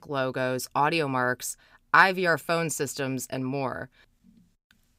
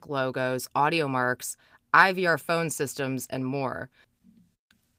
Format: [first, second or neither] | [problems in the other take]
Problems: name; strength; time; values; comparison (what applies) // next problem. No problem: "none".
first | garbled, watery; slightly; nothing above 15.5 kHz